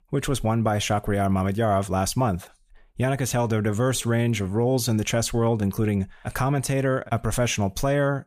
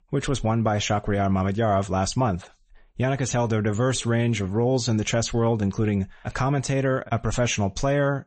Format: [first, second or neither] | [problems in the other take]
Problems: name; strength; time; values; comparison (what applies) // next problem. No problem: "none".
first | garbled, watery; slightly; nothing above 8 kHz